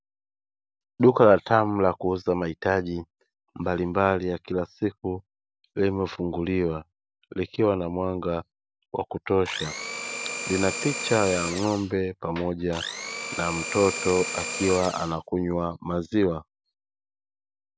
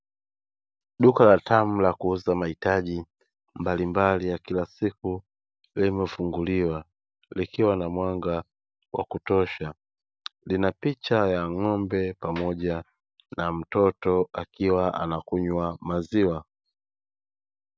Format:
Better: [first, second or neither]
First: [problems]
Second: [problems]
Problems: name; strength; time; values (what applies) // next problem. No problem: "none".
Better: second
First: background sound (Domestic sounds, home sounds); 6 dB below the speech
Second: none